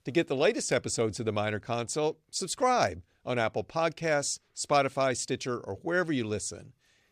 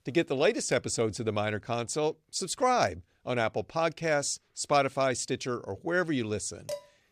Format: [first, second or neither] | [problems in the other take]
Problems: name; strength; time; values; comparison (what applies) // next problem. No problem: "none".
first | clattering dishes; faint; at 6.5 s; peak 10 dB below the speech